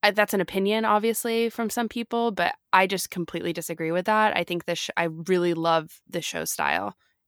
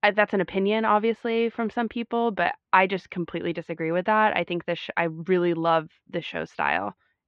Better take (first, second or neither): first